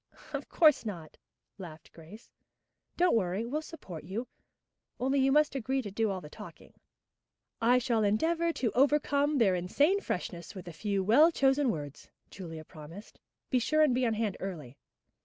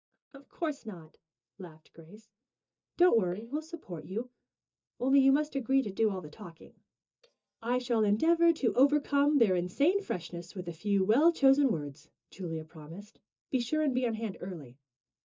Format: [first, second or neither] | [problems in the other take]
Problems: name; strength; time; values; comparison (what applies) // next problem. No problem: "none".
first | noise reduction (neural mask model DeepFilterNet 3)